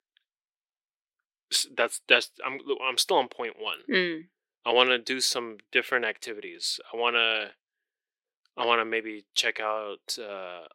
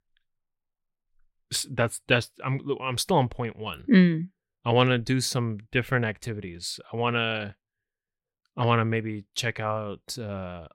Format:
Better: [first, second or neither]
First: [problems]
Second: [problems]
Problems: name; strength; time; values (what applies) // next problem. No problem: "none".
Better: second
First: thin; very; fading below 350 Hz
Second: none